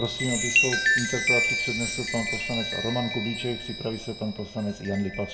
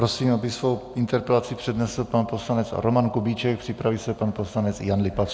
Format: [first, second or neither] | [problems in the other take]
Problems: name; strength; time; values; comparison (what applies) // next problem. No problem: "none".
second | background sound (Chime); 2 dB above the speech // room echo; dies away in 0.5 s